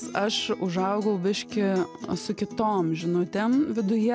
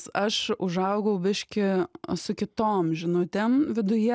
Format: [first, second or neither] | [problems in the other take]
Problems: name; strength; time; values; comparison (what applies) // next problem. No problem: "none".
second | background sound (Acoustic guitar); 15 dB below the speech